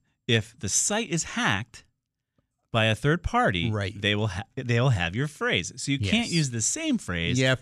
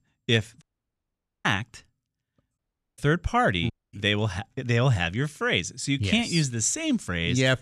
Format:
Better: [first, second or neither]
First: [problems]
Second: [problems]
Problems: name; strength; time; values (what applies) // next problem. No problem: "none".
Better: first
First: none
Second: audio cutting out; at 0.5 s for 1 s, at 2.5 s and at 3.5 s